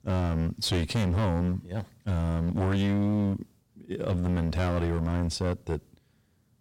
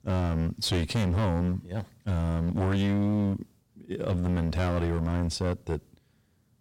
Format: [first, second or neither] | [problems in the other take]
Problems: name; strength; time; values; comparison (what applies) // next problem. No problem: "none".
neither | distortion; heavy; 17% of the sound clipped; the same in both